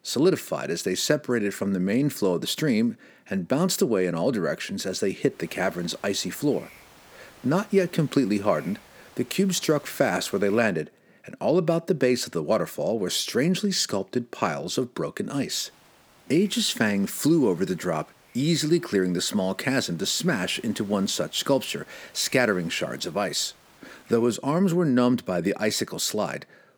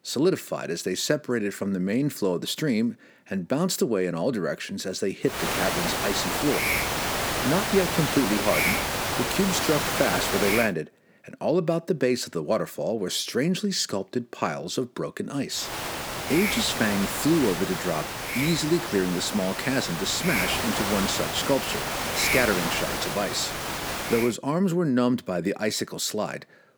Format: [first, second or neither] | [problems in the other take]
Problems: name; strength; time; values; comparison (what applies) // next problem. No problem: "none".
first | hiss; loud; from 5.5 to 11 s and from 16 to 24 s; 1 dB below the speech; faint in the first